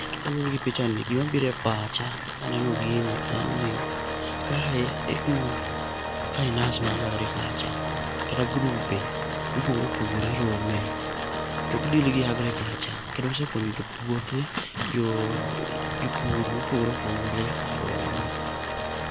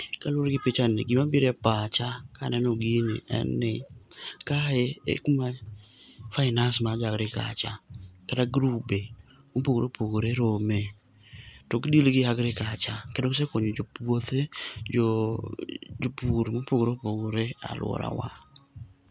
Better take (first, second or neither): second